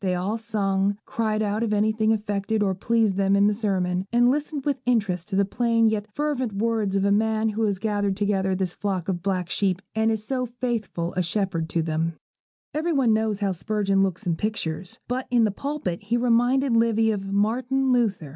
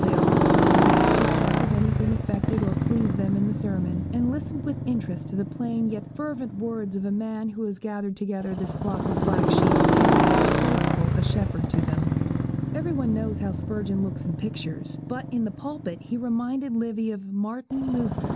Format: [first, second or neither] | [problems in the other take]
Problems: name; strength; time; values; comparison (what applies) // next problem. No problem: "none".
first | background sound (Motorcycle); 4 dB above the speech